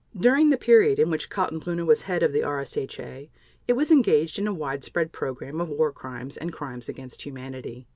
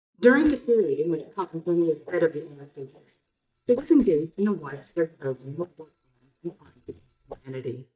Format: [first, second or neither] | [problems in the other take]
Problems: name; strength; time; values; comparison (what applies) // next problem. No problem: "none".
first | noise reduction (neural mask model DeepFilterNet 3)